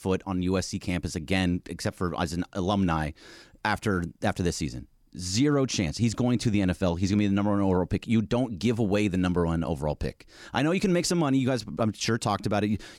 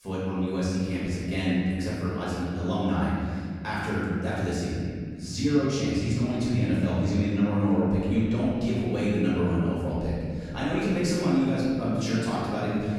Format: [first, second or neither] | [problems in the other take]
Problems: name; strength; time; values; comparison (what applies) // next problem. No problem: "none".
first | room echo; strong; dies away in 2.6 s // off-mic speech; far